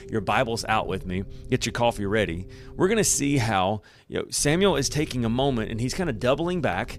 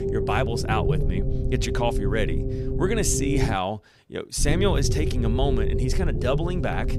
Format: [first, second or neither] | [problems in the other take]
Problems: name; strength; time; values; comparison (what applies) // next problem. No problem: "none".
first | low rumble; loud; until 3.5 s and from 4.5 s on; 5 dB below the speech; faint in the first